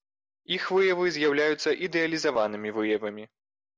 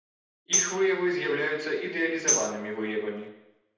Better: first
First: none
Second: background sound (Tambourine); 2 dB below the speech // room echo; dies away in 0.9 s

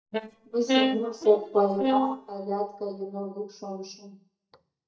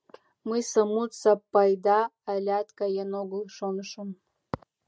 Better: second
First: noise reduction (neural mask model DeepFilterNet 3)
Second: none

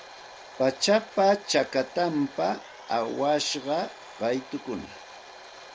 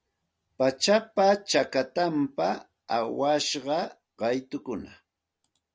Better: second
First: background sound (Domestic sounds, home sounds); 18 dB below the speech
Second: none

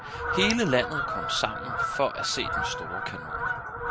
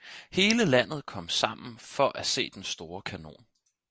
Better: second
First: background sound (Fowl); 1 dB below the speech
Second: none

